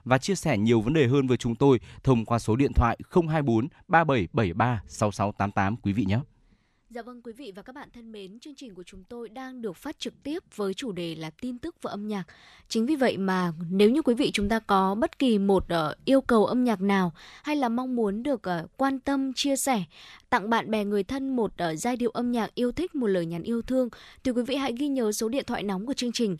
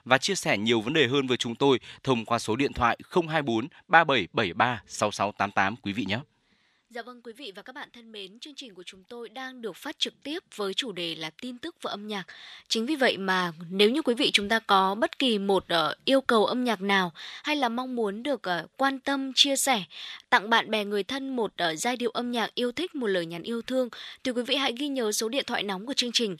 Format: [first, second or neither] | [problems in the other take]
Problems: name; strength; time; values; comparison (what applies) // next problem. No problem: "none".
first | thin; very slightly; fading below 450 Hz